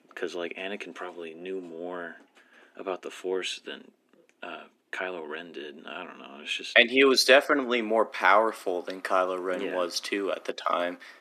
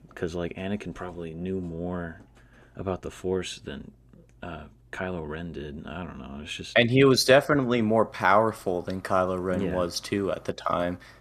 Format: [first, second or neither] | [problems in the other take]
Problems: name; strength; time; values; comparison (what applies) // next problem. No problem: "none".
second | thin; very slightly; fading below 250 Hz